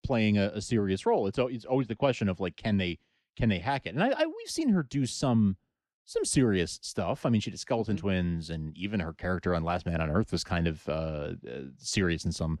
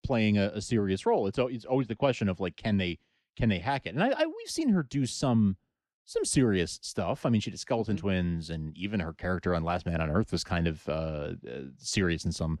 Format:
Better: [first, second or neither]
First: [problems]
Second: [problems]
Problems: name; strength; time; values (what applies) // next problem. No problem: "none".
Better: neither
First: none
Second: none